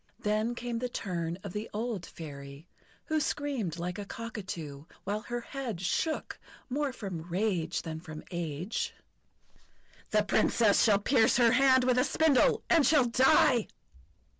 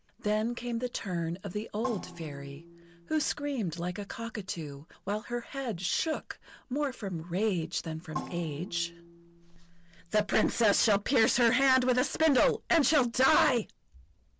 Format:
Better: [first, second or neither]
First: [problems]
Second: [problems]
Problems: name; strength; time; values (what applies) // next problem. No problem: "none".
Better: first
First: none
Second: background sound (Percussion); 16 dB below the speech